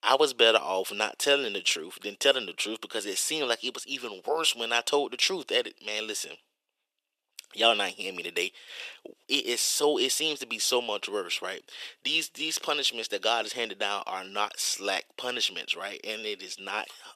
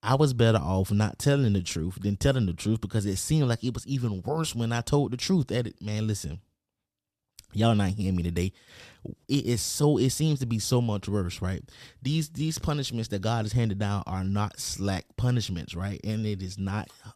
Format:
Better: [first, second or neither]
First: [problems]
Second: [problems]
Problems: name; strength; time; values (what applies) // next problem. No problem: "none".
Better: second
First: thin; very; fading below 400 Hz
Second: none